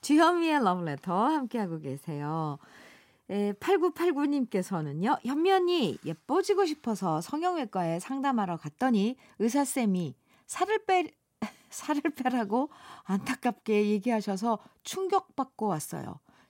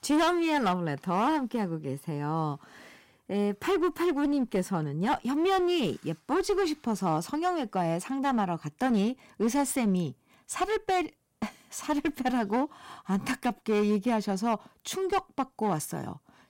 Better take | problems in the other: first | distortion; slight; 10% of the sound clipped

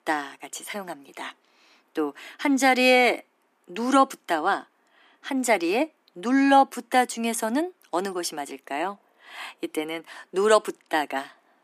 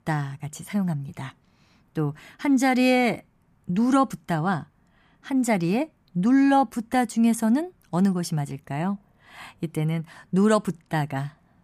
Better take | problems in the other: second | thin; somewhat; fading below 300 Hz

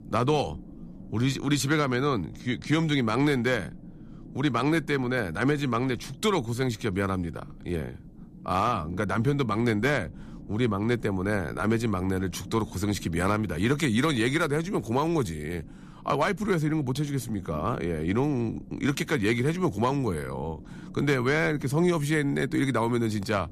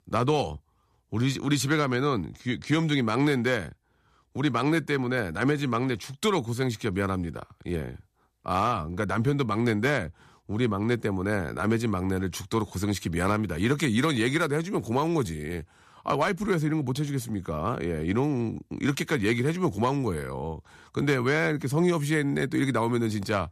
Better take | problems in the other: second | low rumble; faint; throughout; 25 dB below the speech

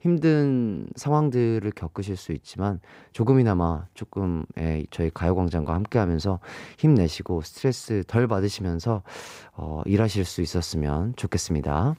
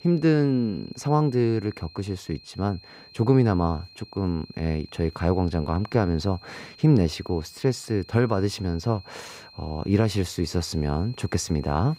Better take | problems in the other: first | high-pitched whine; faint; throughout; 4 kHz, 20 dB below the speech

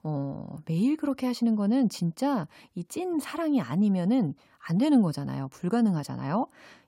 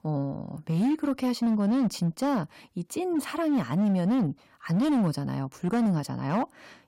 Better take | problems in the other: first | distortion; slight; 13% of the sound clipped

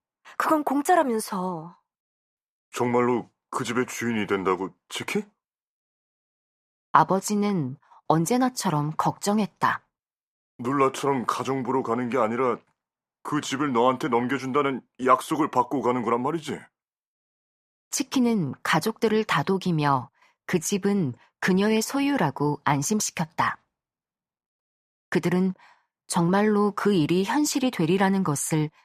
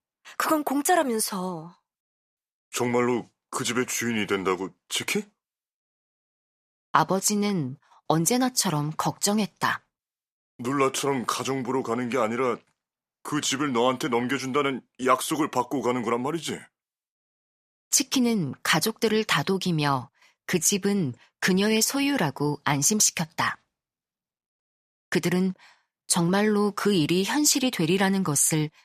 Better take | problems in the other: second | muffled; slightly; fading above 2.5 kHz

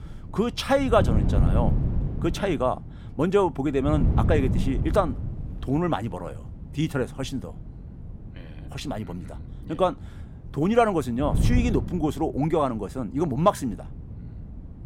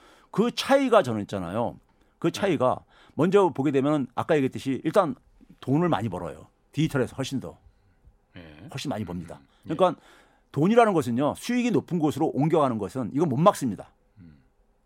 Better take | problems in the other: second | wind noise on the microphone; occasional gusts; 15 dB below the speech

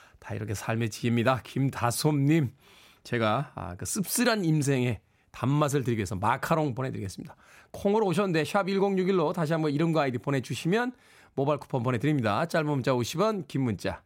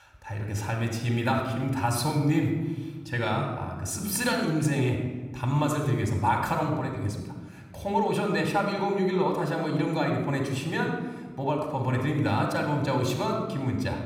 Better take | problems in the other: first | room echo; noticeable; dies away in 1.1 s // off-mic speech; somewhat distant

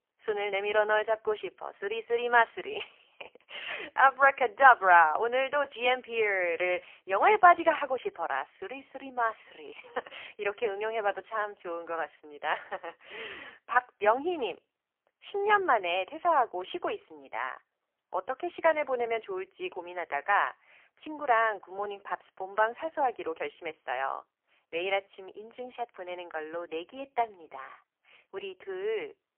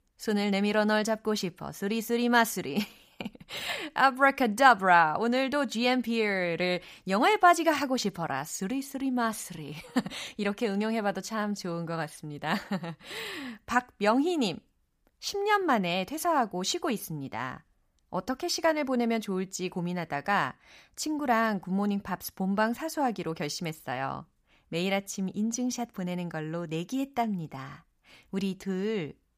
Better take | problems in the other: second | phone-call audio; poor line; nothing above 3 kHz

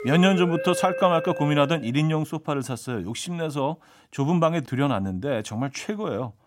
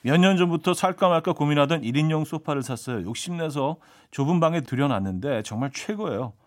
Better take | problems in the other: second | background music; loud; until 1.5 s; 8 dB below the speech

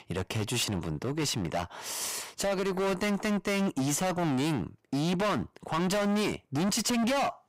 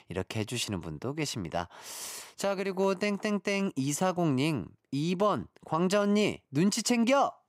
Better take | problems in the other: second | distortion; heavy; 27% of the sound clipped

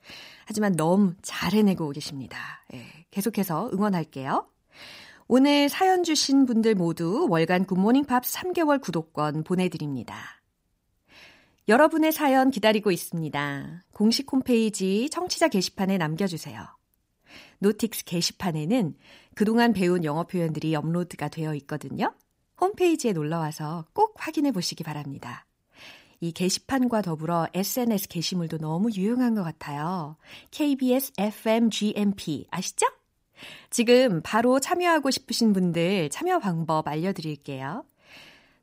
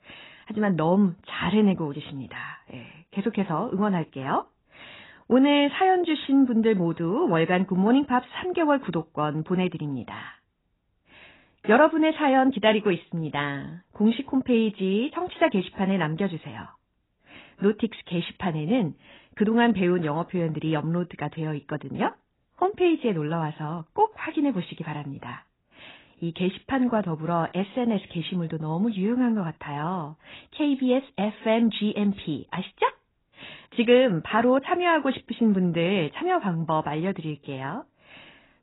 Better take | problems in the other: first | garbled, watery; badly; nothing above 4 kHz

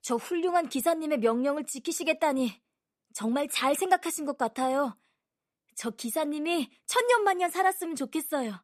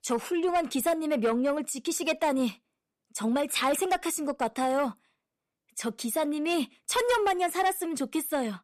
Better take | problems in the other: first | distortion; slight; 10 dB below the speech

